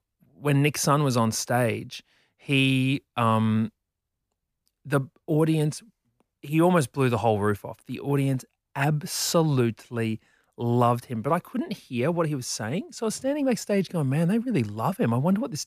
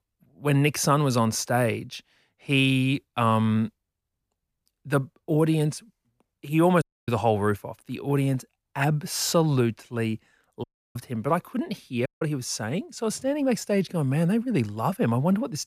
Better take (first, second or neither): first